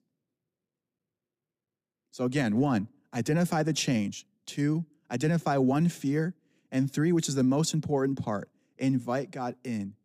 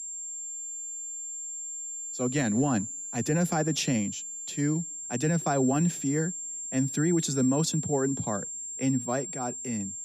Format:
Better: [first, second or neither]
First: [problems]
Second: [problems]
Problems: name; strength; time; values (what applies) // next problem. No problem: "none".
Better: first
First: none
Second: high-pitched whine; loud; throughout; 7.5 kHz, 6 dB below the speech